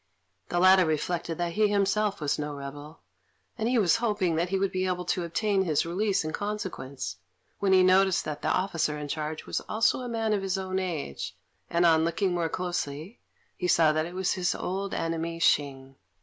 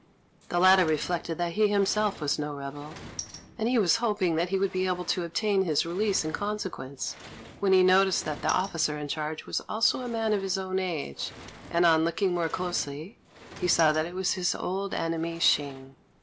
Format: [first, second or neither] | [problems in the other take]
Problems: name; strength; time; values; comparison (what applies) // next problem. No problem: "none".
first | background sound (Sliding door); 19 dB below the speech